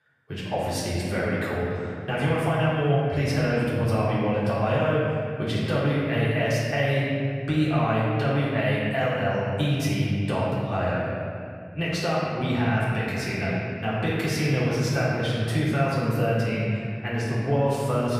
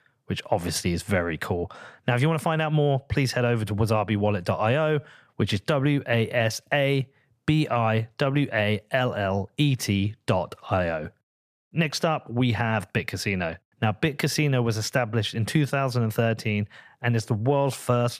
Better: second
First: room echo; strong; dies away in 2.3 s // off-mic speech; far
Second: none

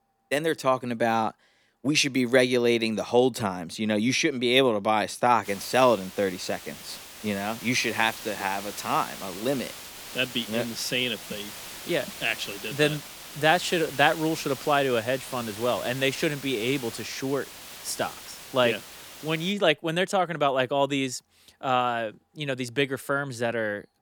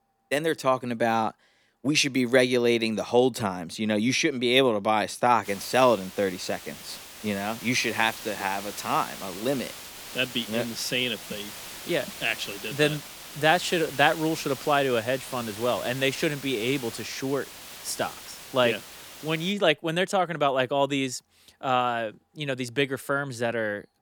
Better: neither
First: hiss; noticeable; from 5.5 to 20 s; 15 dB below the speech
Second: hiss; noticeable; from 5.5 to 20 s; 15 dB below the speech

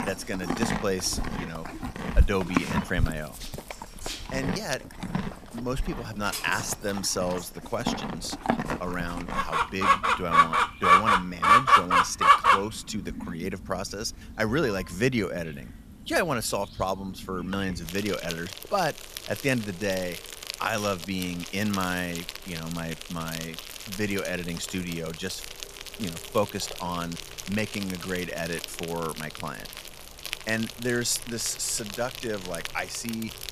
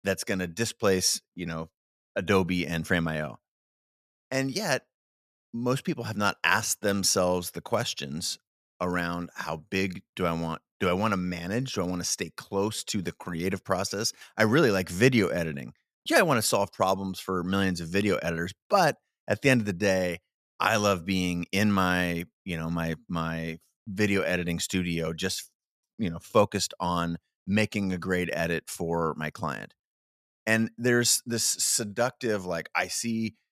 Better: second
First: animal sounds; very loud; throughout; 2 dB above the speech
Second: none

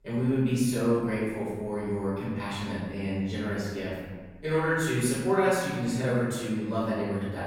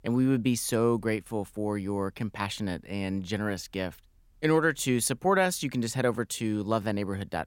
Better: second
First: room echo; strong; dies away in 1.3 s // off-mic speech; far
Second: none

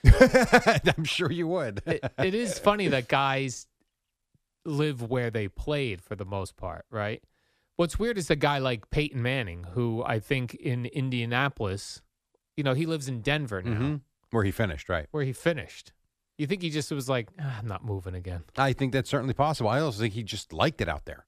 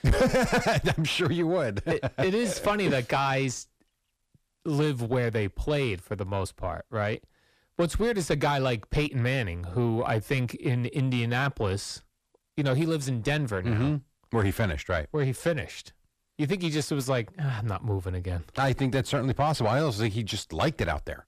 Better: first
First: none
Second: distortion; heavy; 6 dB below the speech

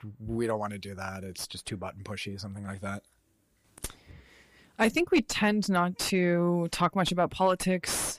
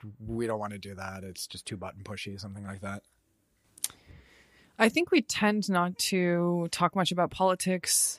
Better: second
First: distortion; slight; 9 dB below the speech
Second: none

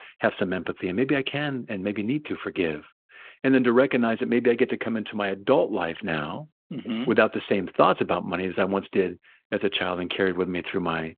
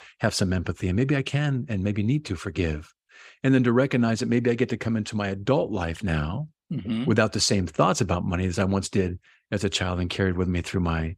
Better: second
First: phone-call audio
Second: none

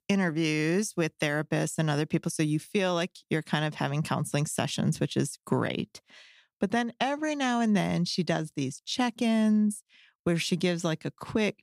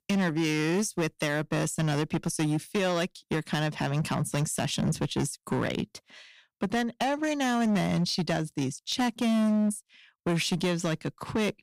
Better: first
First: none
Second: distortion; slight; 14% of the sound clipped

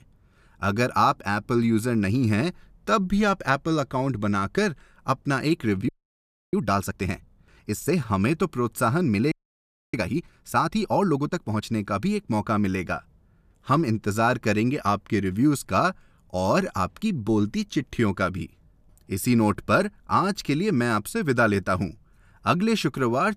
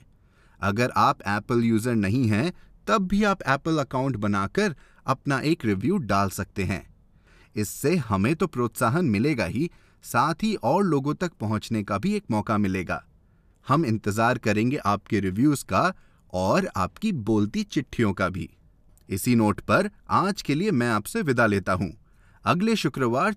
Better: second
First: audio freezing; at 6 s for 0.5 s and at 9.5 s for 0.5 s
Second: none

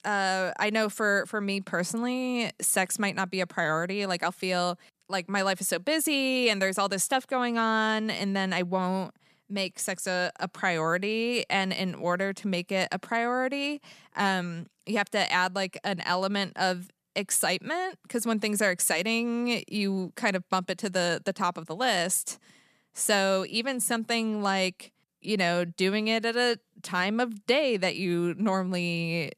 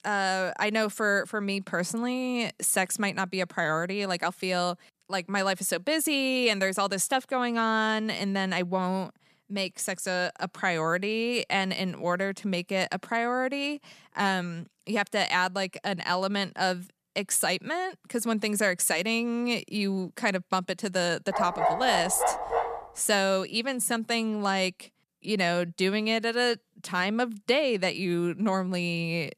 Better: first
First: none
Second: dog barking; loud; from 21 to 23 s; peak 1 dB above the speech

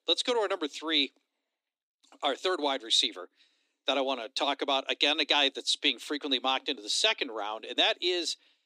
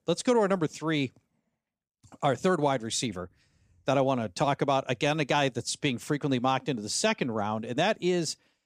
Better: second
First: thin; very slightly; fading below 250 Hz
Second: none

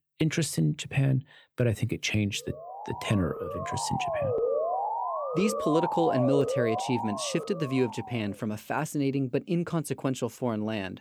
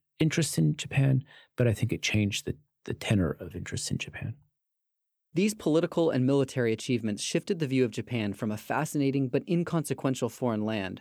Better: second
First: siren; loud; from 2.5 to 8 s; peak 2 dB above the speech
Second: none

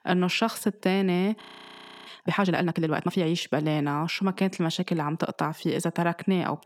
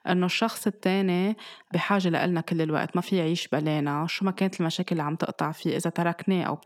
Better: second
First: audio freezing; at 1.5 s for 0.5 s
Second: none

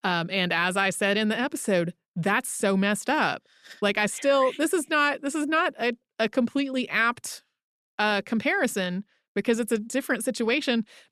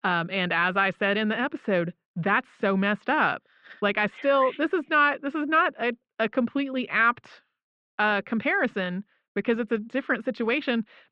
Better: first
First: none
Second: muffled; very; fading above 3 kHz

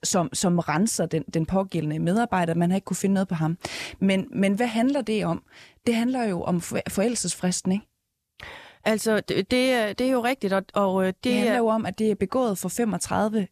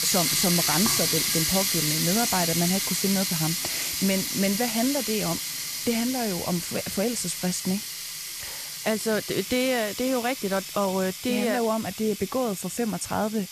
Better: first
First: none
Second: household noises; very loud; throughout; 1 dB above the speech

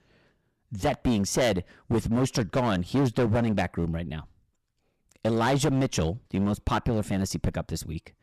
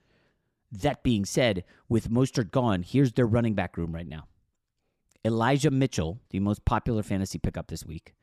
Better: second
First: distortion; heavy; 11% of the sound clipped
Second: none

